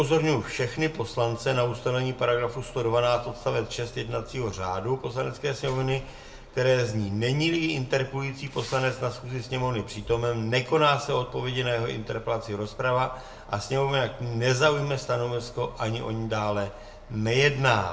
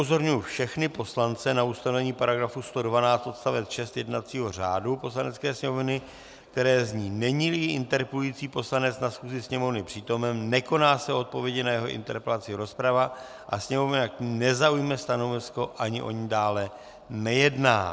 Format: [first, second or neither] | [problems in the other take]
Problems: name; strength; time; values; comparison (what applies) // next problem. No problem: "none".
second | background sound (Truck); 20 dB below the speech // room echo; dies away in 0.5 s